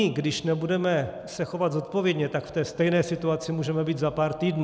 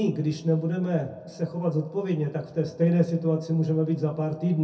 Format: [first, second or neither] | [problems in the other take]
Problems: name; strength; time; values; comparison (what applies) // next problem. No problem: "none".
first | room echo; dies away in 0.3 s